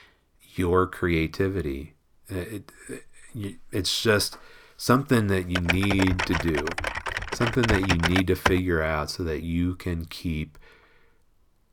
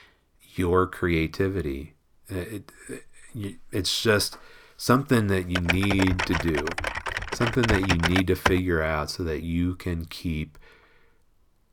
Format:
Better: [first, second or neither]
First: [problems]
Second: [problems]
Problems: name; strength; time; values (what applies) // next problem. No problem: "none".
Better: neither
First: keyboard typing; loud; from 5.5 to 8.5 s; peak 1 dB above the speech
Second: keyboard typing; loud; from 5.5 to 8.5 s; peak 1 dB above the speech